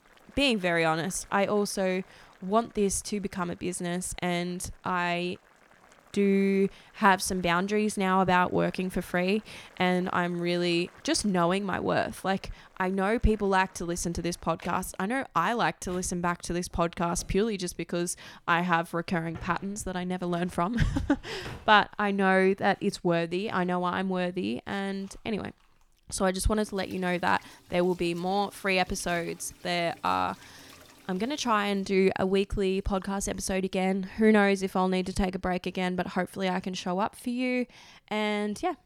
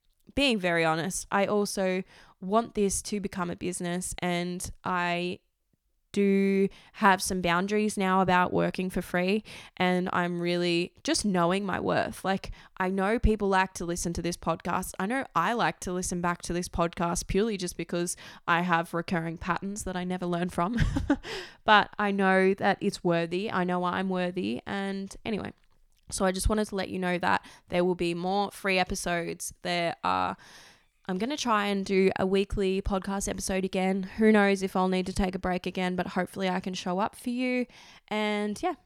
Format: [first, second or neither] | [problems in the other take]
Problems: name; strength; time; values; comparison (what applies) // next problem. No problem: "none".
second | household noises; faint; throughout; 25 dB below the speech